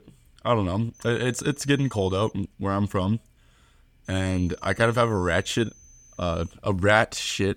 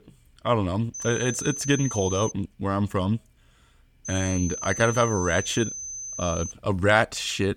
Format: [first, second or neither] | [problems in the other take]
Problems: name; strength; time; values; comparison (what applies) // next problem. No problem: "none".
first | high-pitched whine; loud; from 1 to 2.5 s and from 4 to 6.5 s; 6 kHz, 7 dB below the speech; faint in the first